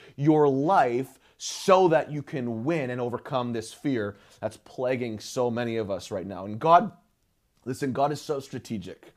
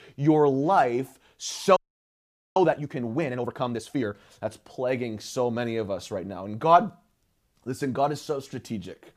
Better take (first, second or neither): first